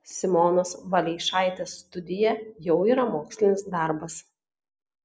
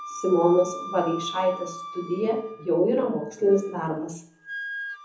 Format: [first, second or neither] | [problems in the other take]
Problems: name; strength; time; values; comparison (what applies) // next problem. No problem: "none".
first | background sound (Wind instrument, woodwind instrument); 13 dB below the speech // room echo; dies away in 0.6 s